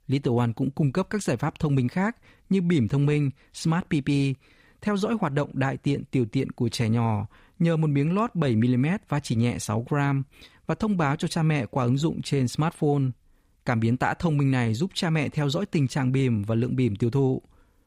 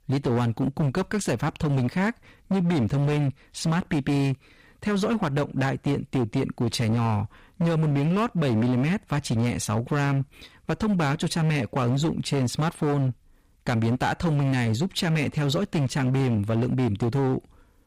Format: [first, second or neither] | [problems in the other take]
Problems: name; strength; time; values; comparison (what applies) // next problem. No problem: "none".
first | distortion; slight; 19% of the sound clipped